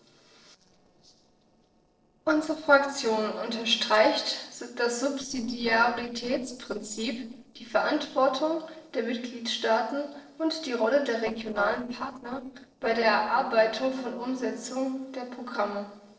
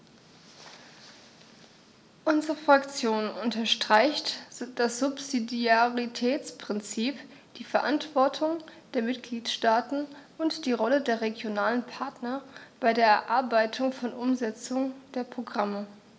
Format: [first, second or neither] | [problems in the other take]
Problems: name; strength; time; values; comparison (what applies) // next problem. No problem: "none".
second | noise reduction (neural separator model SepFormer DNS4)